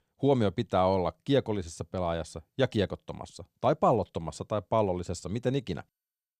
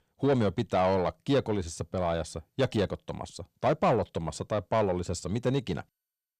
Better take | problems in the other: first | distortion; slight; 10 dB below the speech

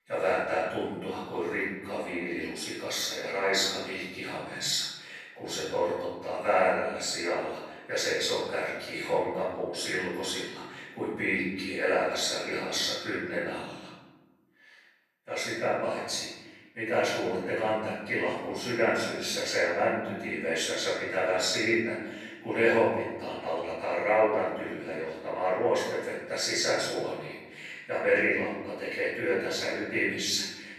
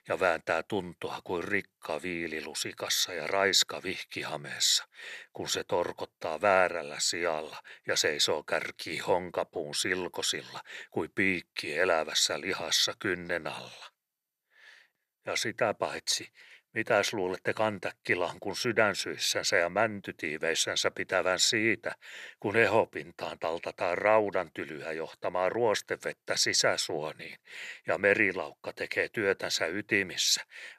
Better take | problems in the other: second | off-mic speech; far // room echo; strong; dies away in 1.2 s

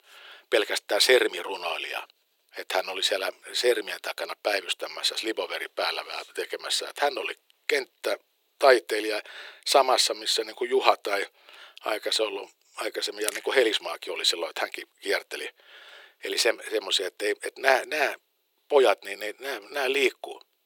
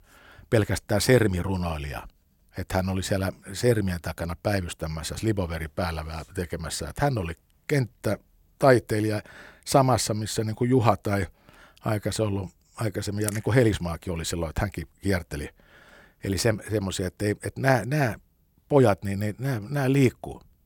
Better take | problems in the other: second | thin; very; fading below 400 Hz

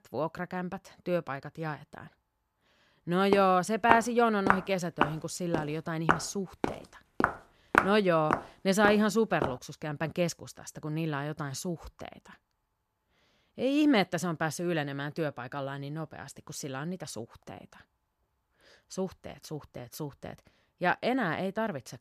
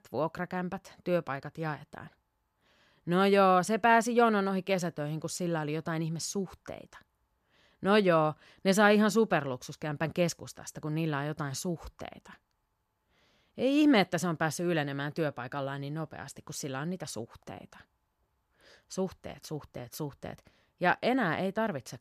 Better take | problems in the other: second | footsteps; loud; from 3.5 to 9.5 s; peak 3 dB above the speech

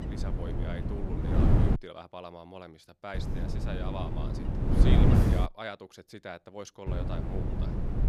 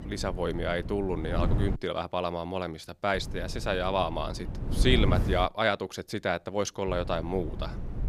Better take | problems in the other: second | wind noise on the microphone; heavy; until 2 s, from 3 to 5.5 s and from 7 s on; 4 dB above the speech; occasional gusts in the second

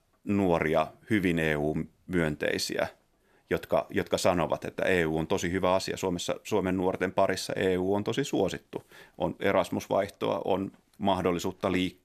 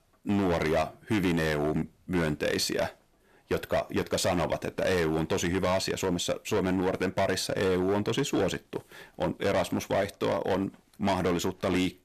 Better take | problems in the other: first | distortion; heavy; 13% of the sound clipped

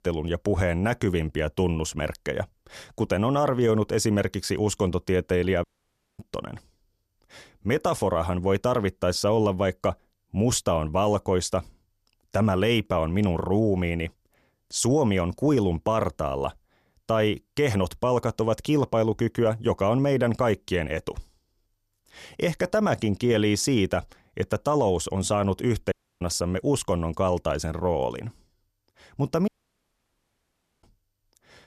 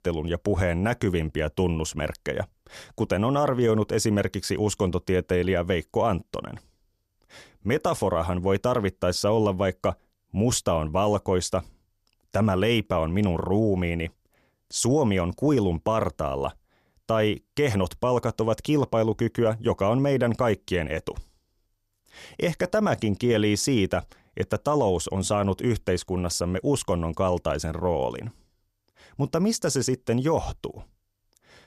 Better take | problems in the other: second | audio cutting out; at 5.5 s for 0.5 s, at 26 s and at 29 s for 1.5 s

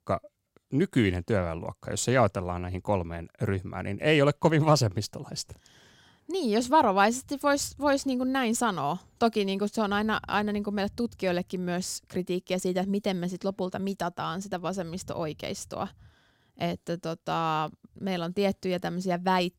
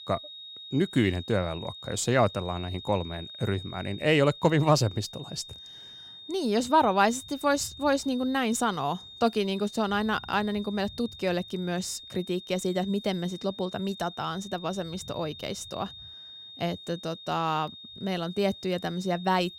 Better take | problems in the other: first | high-pitched whine; noticeable; throughout; 3.5 kHz, 15 dB below the speech

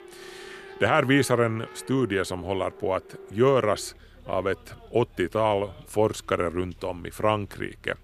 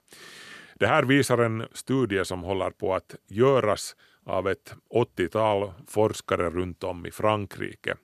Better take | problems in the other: second | traffic noise; faint; throughout; 20 dB below the speech

